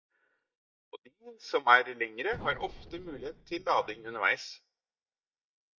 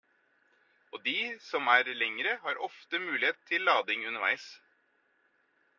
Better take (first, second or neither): second